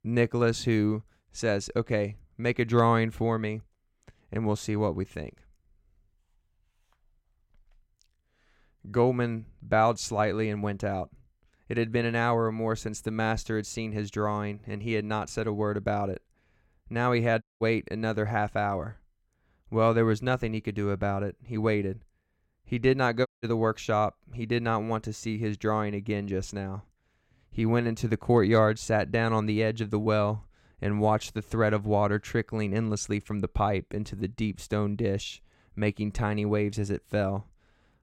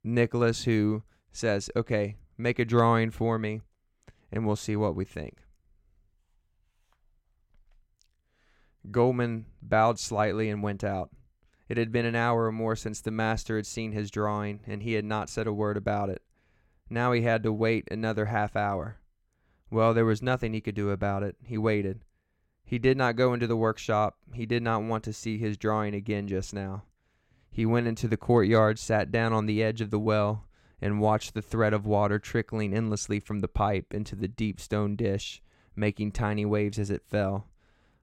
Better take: second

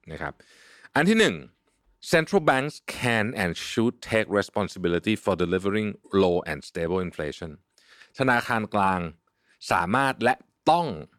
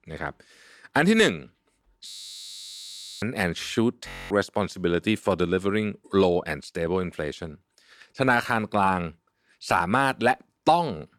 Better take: first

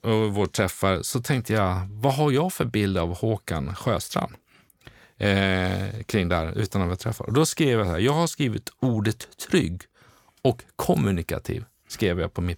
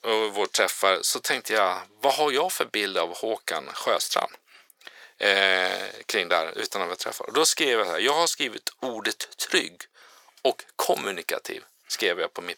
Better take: first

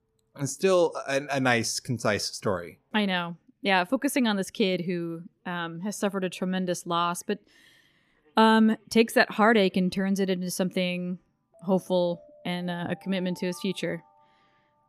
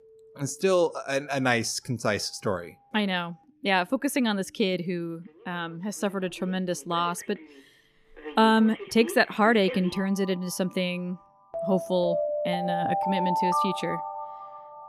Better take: first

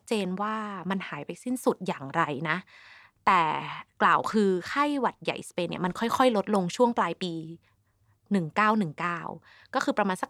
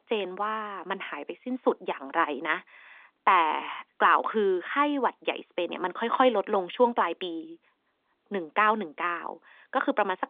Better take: first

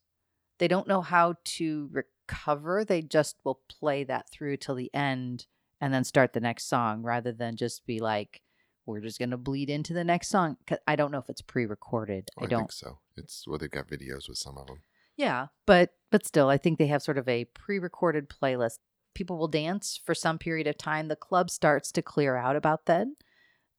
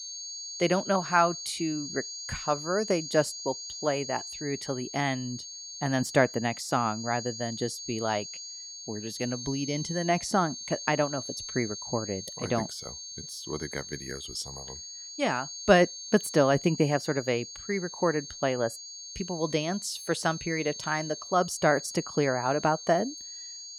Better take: first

